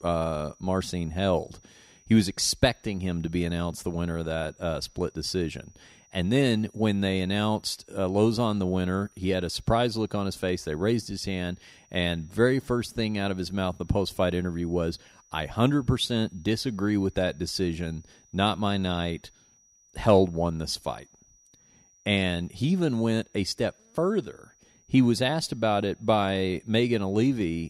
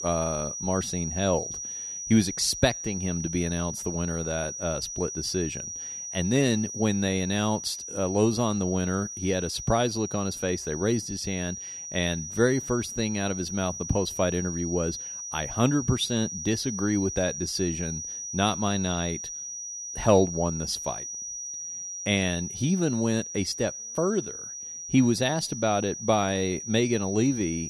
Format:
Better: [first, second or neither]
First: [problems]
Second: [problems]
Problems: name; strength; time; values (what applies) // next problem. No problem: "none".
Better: first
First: high-pitched whine; faint; throughout; 6 kHz, 30 dB below the speech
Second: high-pitched whine; loud; throughout; 6 kHz, 7 dB below the speech